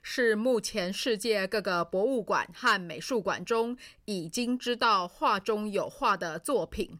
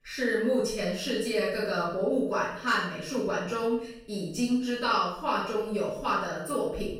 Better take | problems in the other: first | off-mic speech; far // room echo; noticeable; dies away in 0.6 s

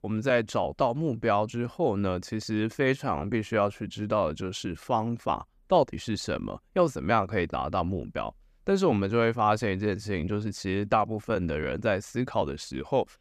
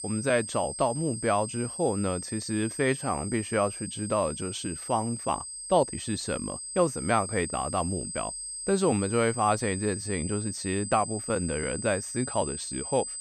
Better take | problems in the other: first | high-pitched whine; loud; throughout; 8.5 kHz, 6 dB below the speech

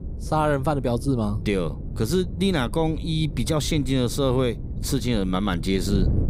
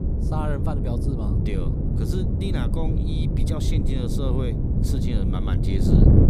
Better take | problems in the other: first | wind noise on the microphone; heavy; 1 dB above the speech; occasional gusts in the first

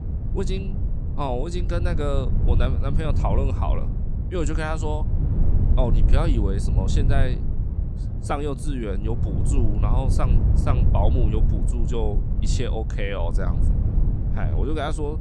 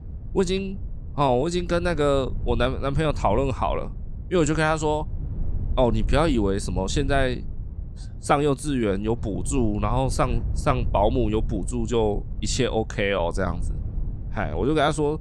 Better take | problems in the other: second | low rumble; loud; throughout; 7 dB below the speech; faint in the second

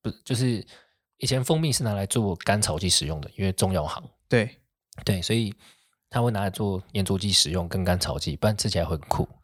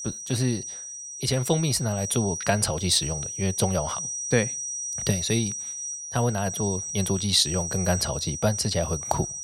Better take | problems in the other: first | high-pitched whine; loud; throughout; 6 kHz, 5 dB below the speech

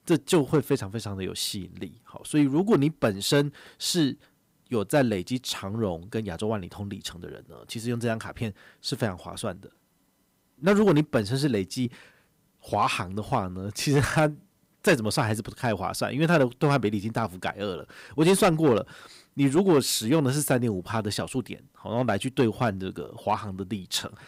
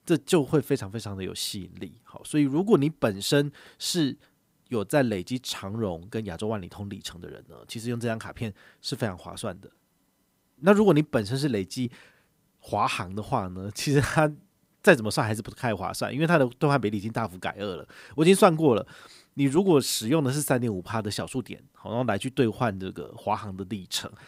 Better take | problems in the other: second | distortion; slight; 2% of the sound clipped

